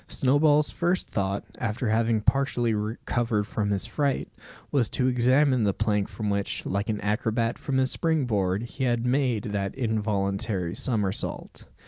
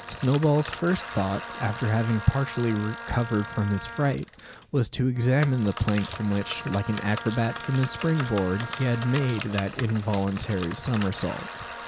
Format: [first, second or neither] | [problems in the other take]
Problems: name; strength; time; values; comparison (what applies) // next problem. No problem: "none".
first | background sound (Wind instrument, woodwind instrument + Bicycle); 12 dB below the speech